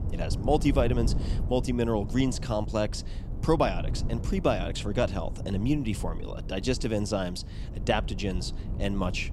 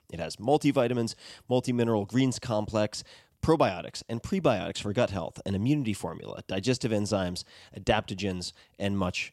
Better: second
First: wind noise on the microphone; occasional gusts; 15 dB below the speech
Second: none

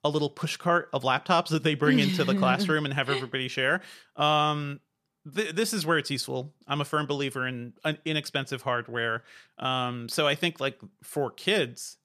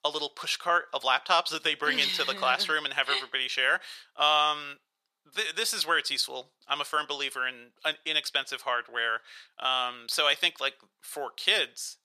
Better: first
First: none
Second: thin; very; fading below 750 Hz

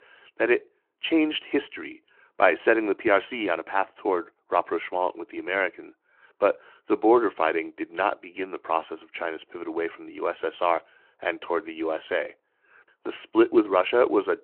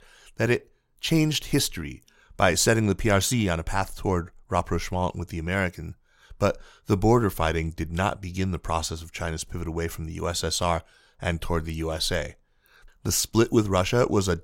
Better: second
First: phone-call audio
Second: none

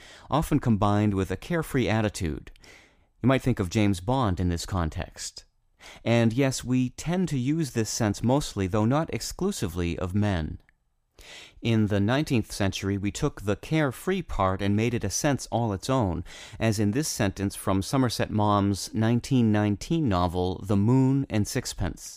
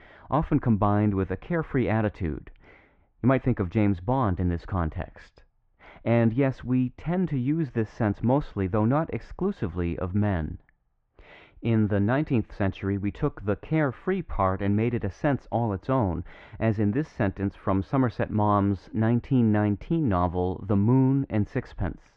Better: first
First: none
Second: muffled; very; fading above 2 kHz

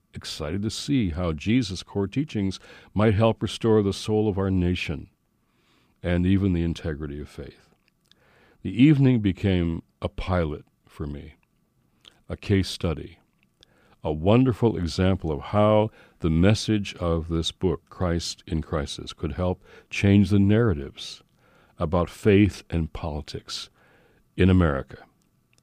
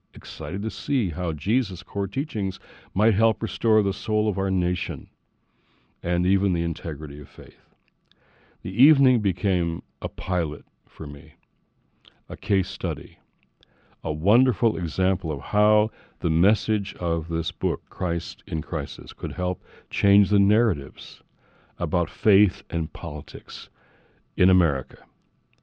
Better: first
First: none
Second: muffled; very slightly; fading above 4 kHz

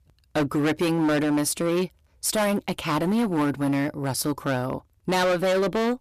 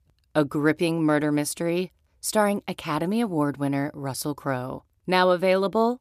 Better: second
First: distortion; heavy; 18% of the sound clipped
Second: none

